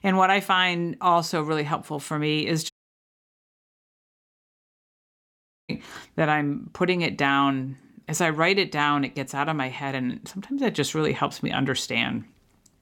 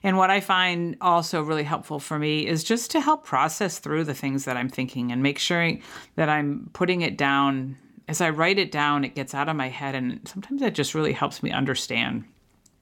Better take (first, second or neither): second